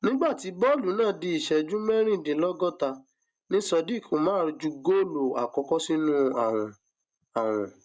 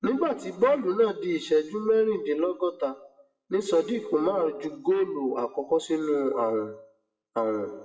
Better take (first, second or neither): first